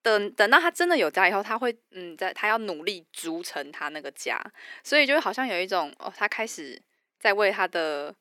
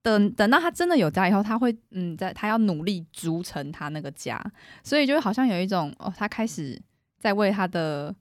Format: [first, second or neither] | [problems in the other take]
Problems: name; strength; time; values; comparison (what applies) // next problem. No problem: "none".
second | thin; very; fading below 350 Hz